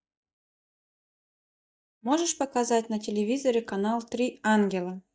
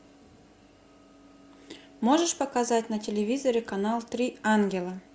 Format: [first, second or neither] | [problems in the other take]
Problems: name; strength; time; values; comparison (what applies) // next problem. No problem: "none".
second | noise reduction (neural mask model DeepFilterNet 3)